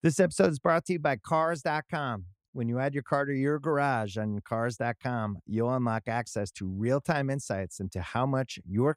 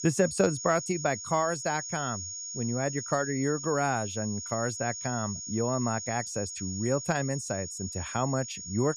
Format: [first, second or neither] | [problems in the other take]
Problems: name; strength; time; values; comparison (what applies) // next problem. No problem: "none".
first | high-pitched whine; loud; throughout; 6.5 kHz, 6 dB below the speech